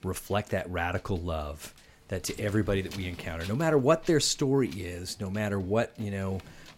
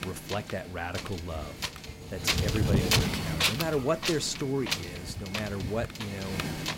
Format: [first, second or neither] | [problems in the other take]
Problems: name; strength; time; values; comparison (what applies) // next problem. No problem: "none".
first | wind noise on the microphone; heavy; 4 dB above the speech; occasional gusts in the first